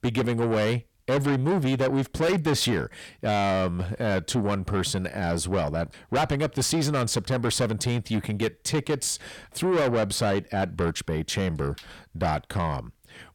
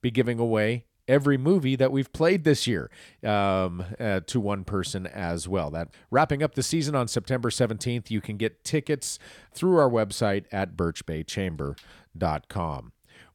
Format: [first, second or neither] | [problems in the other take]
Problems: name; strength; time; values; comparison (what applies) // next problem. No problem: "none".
second | distortion; heavy; 6 dB below the speech